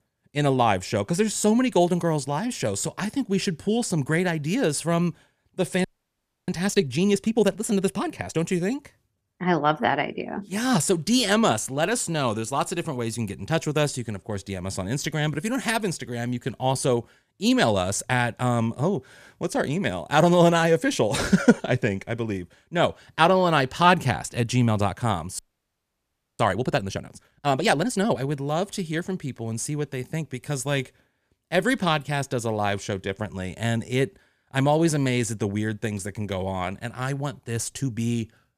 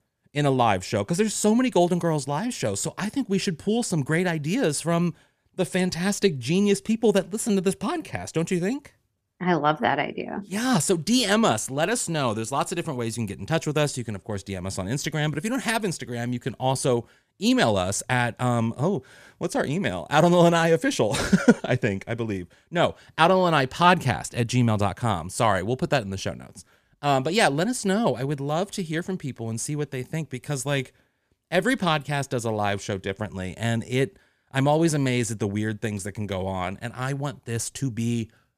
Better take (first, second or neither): second